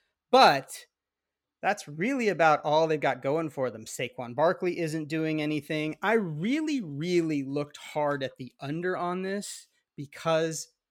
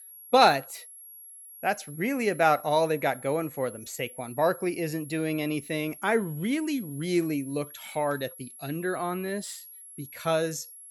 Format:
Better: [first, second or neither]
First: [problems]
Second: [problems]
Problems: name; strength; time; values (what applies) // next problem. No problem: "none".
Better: first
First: none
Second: high-pitched whine; noticeable; throughout; 11.5 kHz, 15 dB below the speech